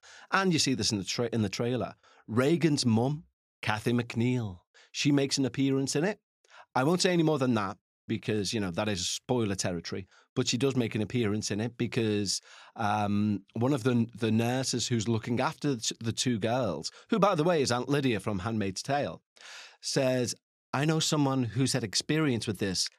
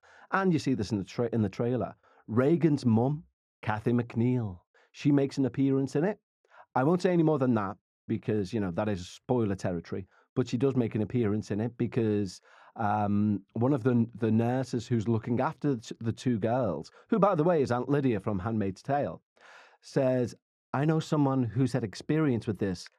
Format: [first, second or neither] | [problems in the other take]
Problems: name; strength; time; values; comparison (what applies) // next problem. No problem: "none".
first | muffled; very; fading above 2 kHz